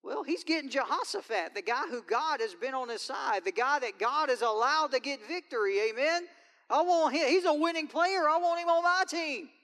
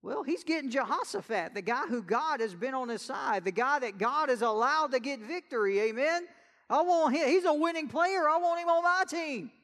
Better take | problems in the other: second | thin; very slightly; fading below 300 Hz

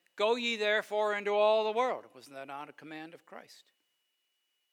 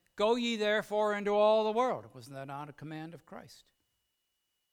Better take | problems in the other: second | thin; very slightly; fading below 350 Hz

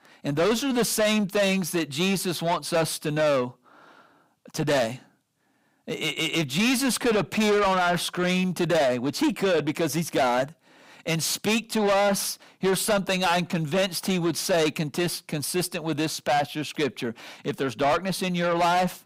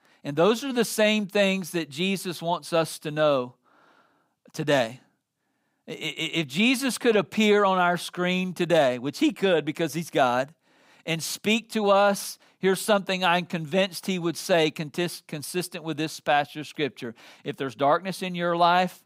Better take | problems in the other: second | distortion; heavy; 7 dB below the speech

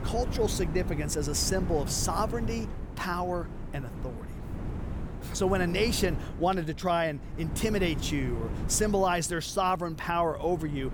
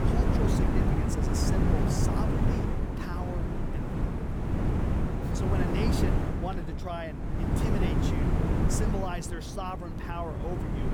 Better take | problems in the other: first | wind noise on the microphone; heavy; 3 dB above the speech; occasional gusts in the first

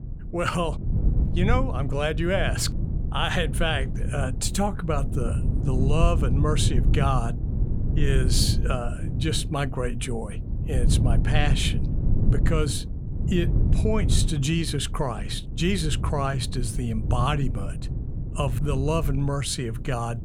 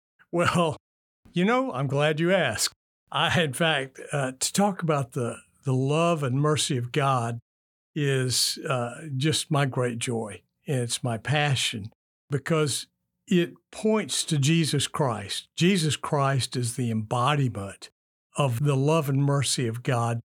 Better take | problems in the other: second | low rumble; noticeable; throughout; 10 dB below the speech

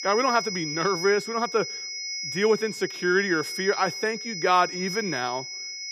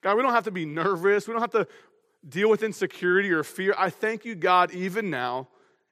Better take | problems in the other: second | high-pitched whine; loud; throughout; 5 kHz, 6 dB below the speech

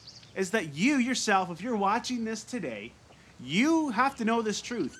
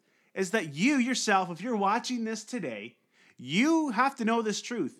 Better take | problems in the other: second | animal sounds; faint; throughout; 25 dB below the speech

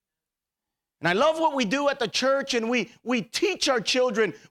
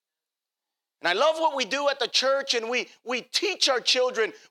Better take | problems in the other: first | thin; somewhat; fading below 500 Hz

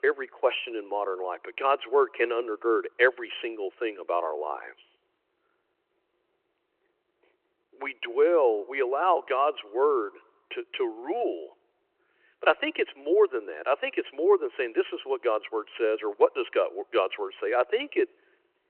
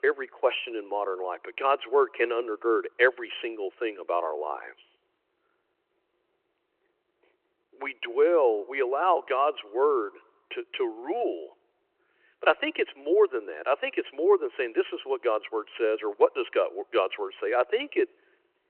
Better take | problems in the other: neither | phone-call audio; the same in both

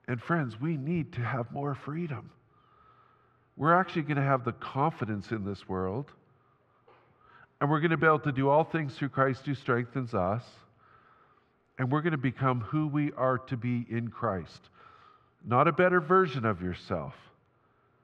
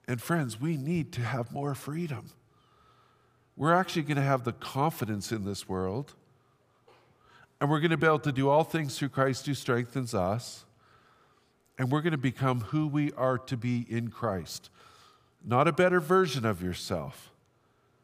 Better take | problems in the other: second | muffled; very; fading above 2 kHz

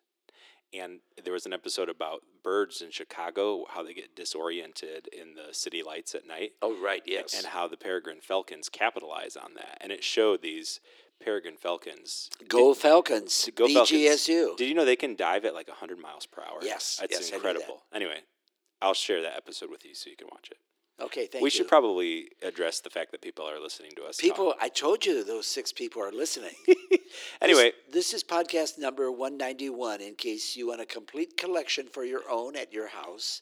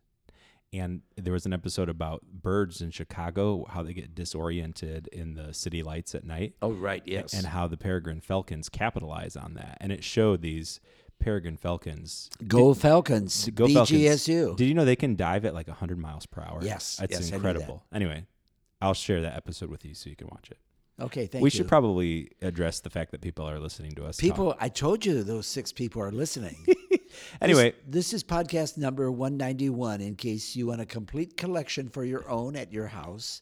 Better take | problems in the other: second | thin; somewhat; fading below 350 Hz

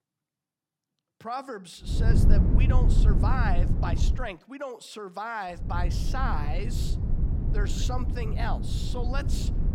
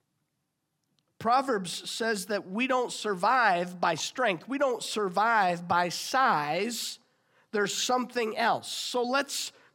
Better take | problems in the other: second | low rumble; loud; from 2 to 4 s and from 5.5 s on; 6 dB below the speech

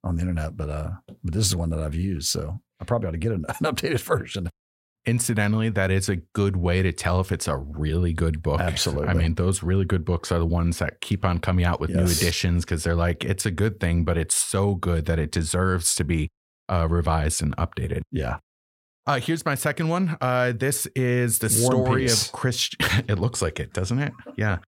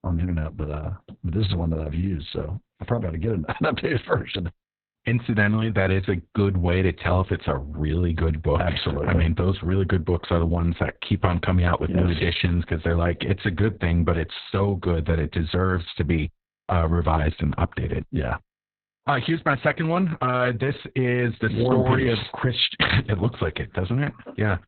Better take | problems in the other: first | garbled, watery; badly; nothing above 4 kHz

